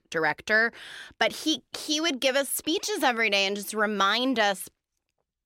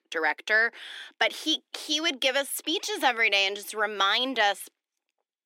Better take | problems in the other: first | thin; very slightly; fading below 300 Hz

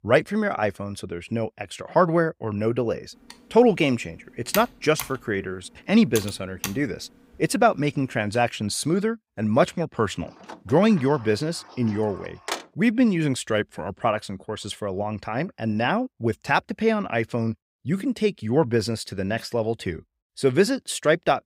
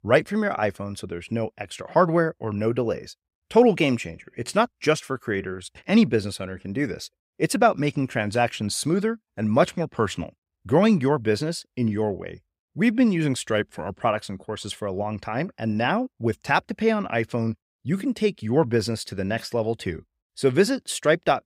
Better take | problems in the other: second | keyboard typing; noticeable; from 3.5 to 6.5 s; peak 7 dB below the speech // door banging; noticeable; from 10 to 13 s; peak 8 dB below the speech

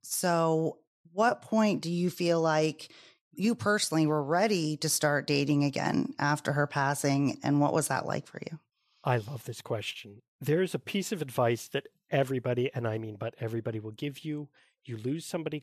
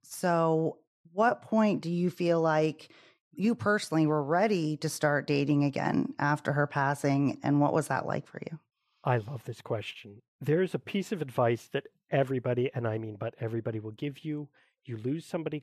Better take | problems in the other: first | muffled; slightly; fading above 3 kHz

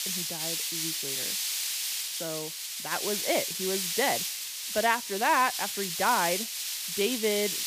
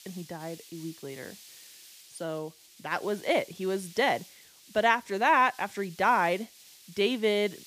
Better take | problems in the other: second | hiss; loud; throughout; 1 dB below the speech; faint in the second

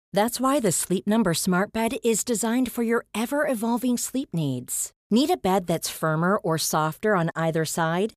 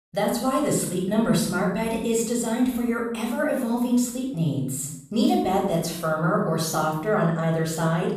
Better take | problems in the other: first | room echo; noticeable; dies away in 0.7 s // off-mic speech; far

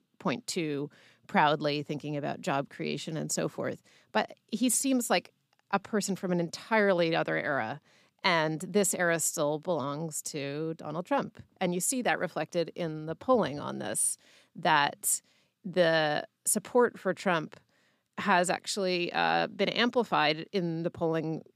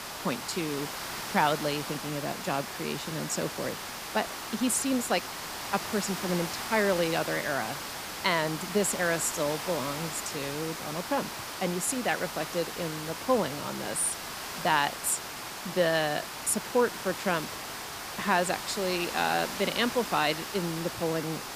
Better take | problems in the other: first | hiss; loud; throughout; 6 dB below the speech

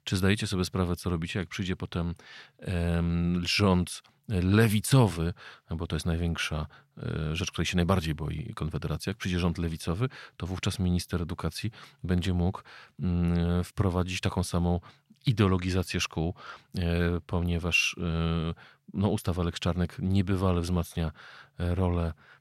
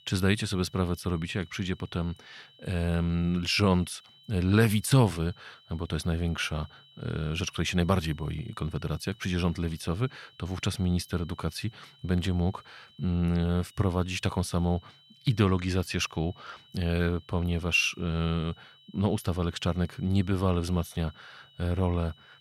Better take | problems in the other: first | high-pitched whine; faint; throughout; 3 kHz, 25 dB below the speech

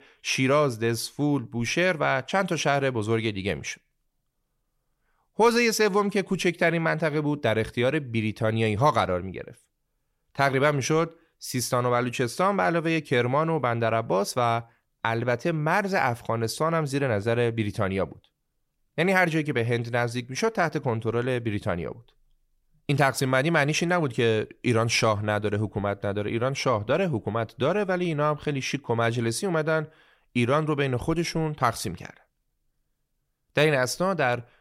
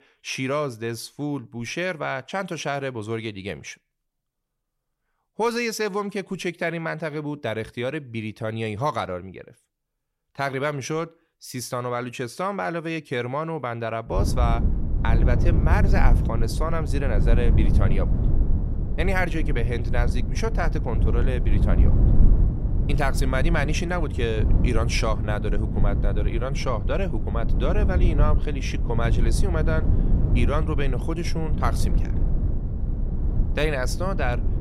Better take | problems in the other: first | low rumble; loud; from 14 s on; 9 dB below the speech

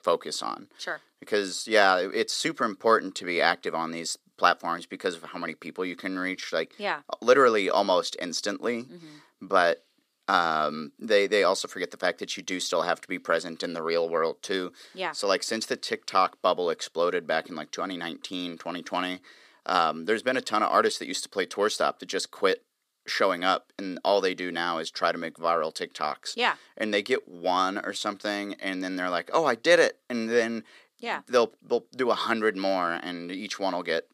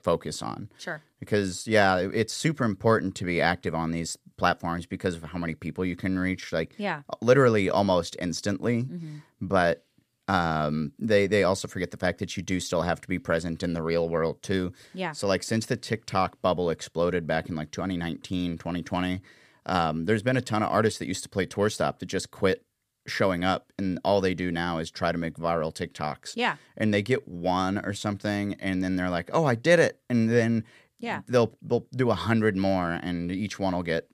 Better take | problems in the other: second | thin; somewhat; fading below 300 Hz

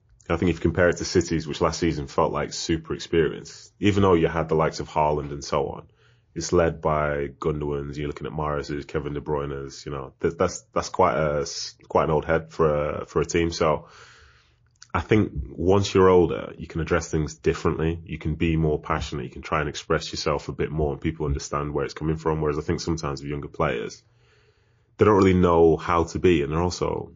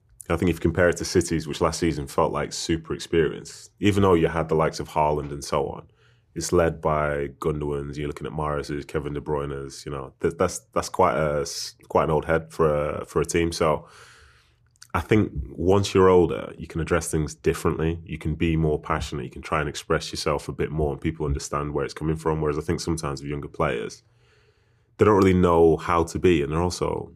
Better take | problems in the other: second | garbled, watery; slightly; nothing above 6.5 kHz

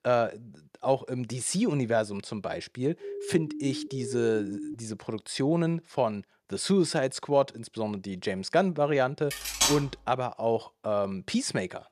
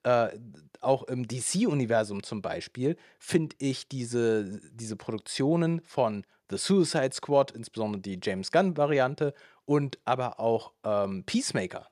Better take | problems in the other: second | siren; noticeable; from 3 to 5 s; peak 8 dB below the speech // clattering dishes; loud; at 9.5 s; peak 4 dB above the speech

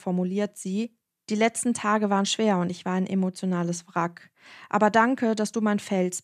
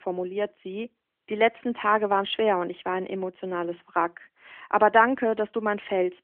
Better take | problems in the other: first | phone-call audio; nothing above 3.5 kHz

